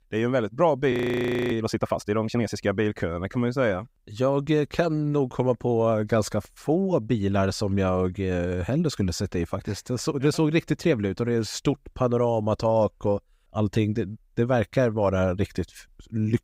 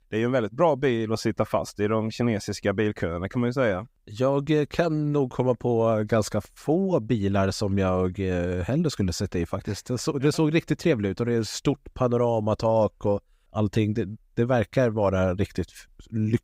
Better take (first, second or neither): second